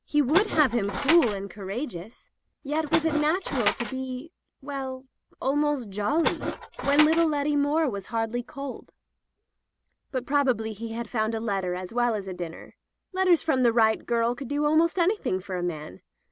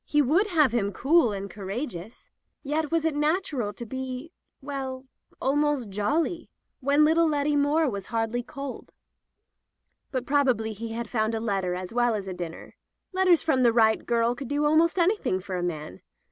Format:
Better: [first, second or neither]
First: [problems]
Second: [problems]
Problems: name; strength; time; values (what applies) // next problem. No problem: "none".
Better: second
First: background sound (Tools); 4 dB below the speech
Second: none